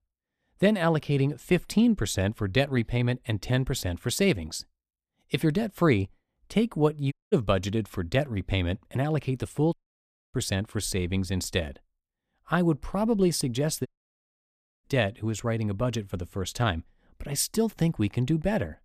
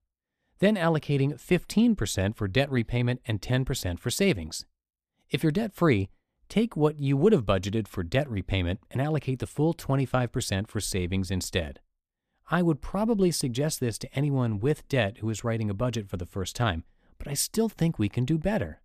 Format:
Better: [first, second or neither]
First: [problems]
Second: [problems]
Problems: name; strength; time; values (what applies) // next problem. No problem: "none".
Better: second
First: audio cutting out; at 7 s, at 9.5 s for 0.5 s and at 14 s for 1 s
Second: none